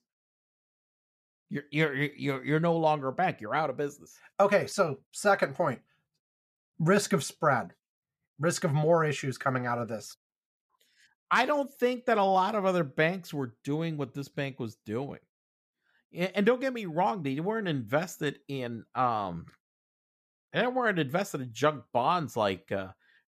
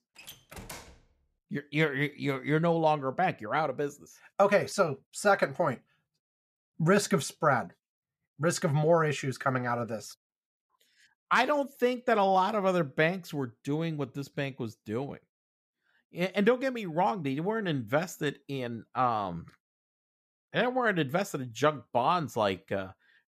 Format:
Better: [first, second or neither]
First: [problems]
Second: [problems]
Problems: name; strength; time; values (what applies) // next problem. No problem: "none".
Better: first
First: none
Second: door banging; faint; at the start; peak 15 dB below the speech